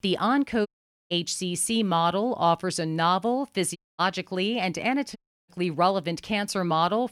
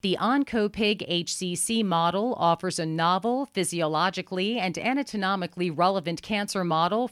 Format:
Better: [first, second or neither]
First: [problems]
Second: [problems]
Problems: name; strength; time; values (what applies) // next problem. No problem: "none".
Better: second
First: audio cutting out; at 0.5 s, at 4 s and at 5 s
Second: none